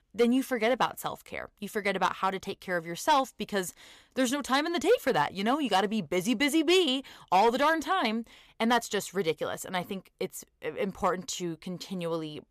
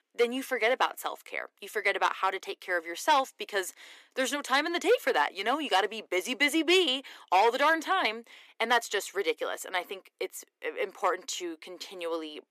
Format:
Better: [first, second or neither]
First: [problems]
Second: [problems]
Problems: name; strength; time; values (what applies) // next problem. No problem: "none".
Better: first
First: none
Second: thin; somewhat; fading below 300 Hz